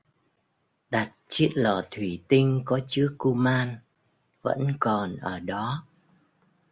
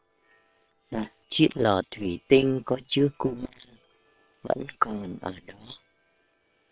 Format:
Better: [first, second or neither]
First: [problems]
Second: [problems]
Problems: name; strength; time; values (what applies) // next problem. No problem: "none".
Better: first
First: none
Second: noise reduction (neural separator model SepFormer WHAM!)